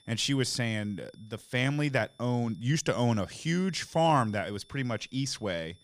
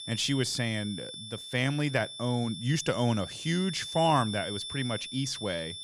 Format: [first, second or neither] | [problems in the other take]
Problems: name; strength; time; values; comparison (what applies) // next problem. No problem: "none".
first | high-pitched whine; loud; throughout; 3.5 kHz, 8 dB below the speech; faint in the first